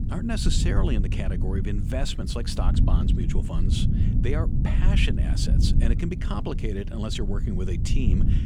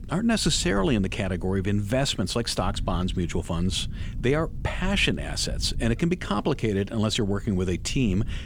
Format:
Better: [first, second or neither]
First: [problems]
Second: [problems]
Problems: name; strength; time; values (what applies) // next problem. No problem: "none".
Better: second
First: low rumble; loud; throughout; 5 dB below the speech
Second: low rumble; faint; throughout; 25 dB below the speech